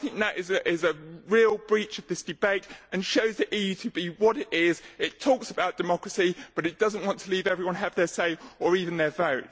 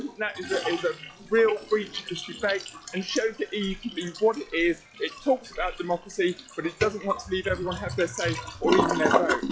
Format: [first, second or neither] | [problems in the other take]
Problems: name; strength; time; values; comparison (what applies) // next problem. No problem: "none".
first | noise reduction (classical method log-MMSE)